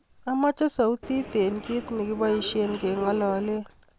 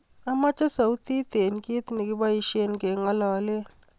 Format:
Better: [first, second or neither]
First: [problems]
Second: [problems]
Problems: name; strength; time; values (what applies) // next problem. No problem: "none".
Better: second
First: background sound (Subway, metro, underground); 12 dB below the speech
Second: none